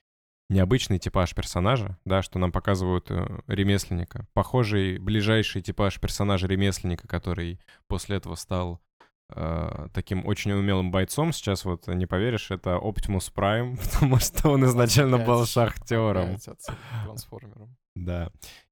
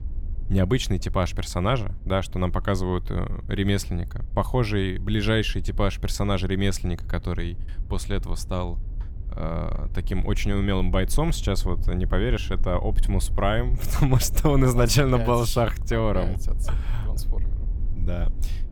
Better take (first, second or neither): first